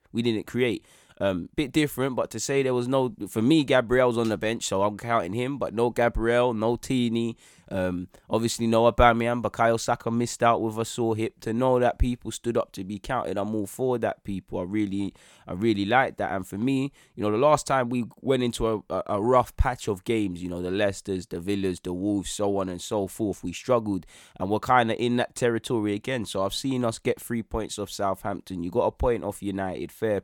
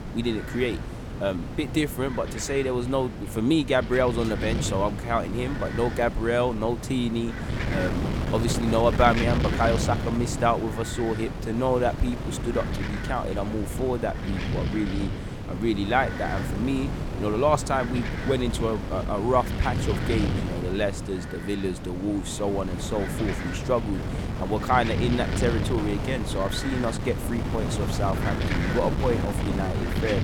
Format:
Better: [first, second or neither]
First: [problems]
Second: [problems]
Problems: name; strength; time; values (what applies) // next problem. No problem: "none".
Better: first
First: none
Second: wind noise on the microphone; heavy; 7 dB below the speech